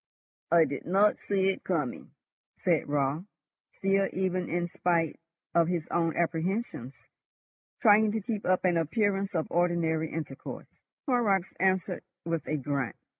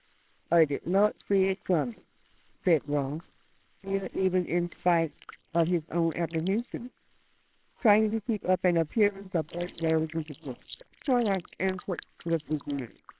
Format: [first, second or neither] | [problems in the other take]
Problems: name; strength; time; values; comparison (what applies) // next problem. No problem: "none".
first | noise reduction (neural separator model SepFormer WHAMR!)